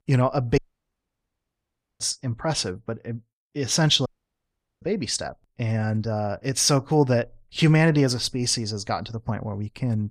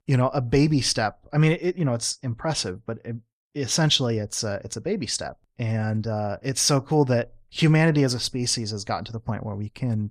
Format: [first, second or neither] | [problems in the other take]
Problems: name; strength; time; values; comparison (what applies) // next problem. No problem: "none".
second | audio cutting out; at 0.5 s for 1.5 s and at 4 s for 1 s